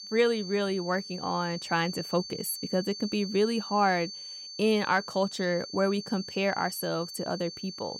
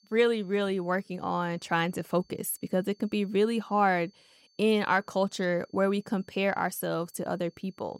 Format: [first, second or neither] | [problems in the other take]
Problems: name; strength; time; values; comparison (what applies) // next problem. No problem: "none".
second | high-pitched whine; loud; throughout; 4.5 kHz, 10 dB below the speech; faint in the second